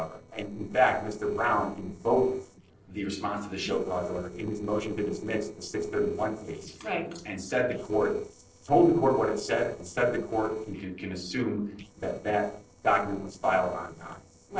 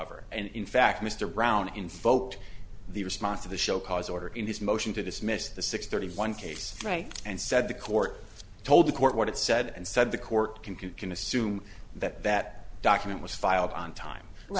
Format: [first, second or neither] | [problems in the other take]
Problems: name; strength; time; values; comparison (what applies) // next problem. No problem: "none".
second | noise reduction (neural separator model SepFormer DNS4)